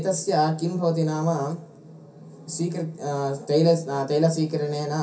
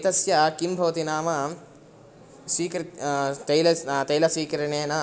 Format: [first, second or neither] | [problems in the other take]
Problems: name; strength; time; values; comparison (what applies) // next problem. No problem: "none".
second | room echo; dies away in 0.3 s